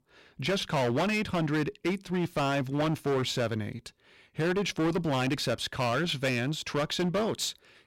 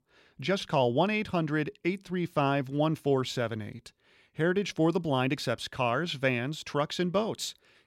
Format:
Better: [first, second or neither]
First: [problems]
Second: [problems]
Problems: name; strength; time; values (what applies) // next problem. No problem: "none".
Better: second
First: distortion; heavy; 16% of the sound clipped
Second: none